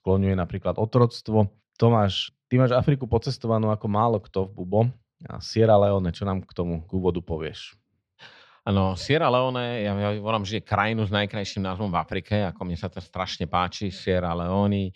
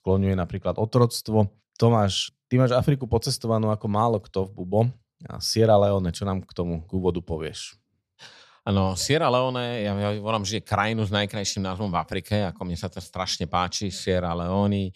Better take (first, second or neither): second